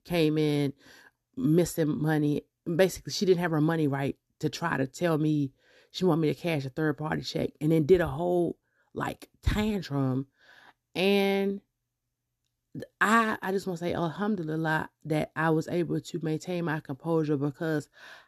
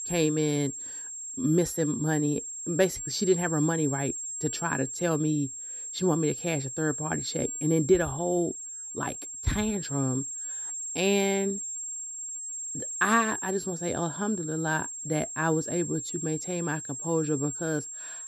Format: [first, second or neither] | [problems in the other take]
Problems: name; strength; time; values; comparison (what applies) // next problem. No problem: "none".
first | high-pitched whine; loud; throughout; 7.5 kHz, 5 dB below the speech